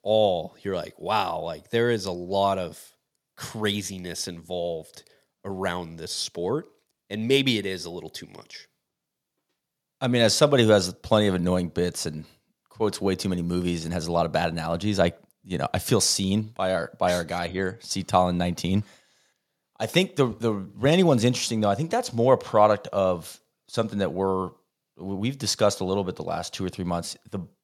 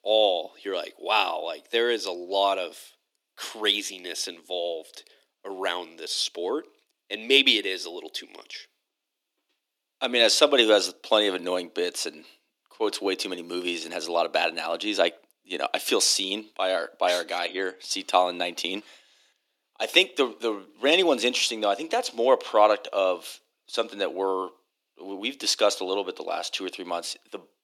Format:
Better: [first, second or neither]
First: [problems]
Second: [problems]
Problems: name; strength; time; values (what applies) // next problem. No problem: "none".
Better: first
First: none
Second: thin; somewhat; fading below 300 Hz